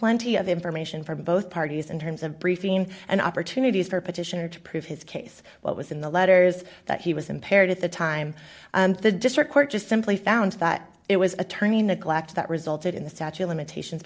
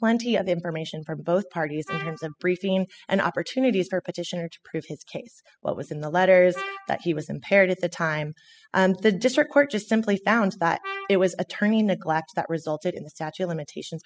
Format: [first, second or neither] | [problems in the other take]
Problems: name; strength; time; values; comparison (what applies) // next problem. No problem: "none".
first | noise reduction (classical method spectral subtraction)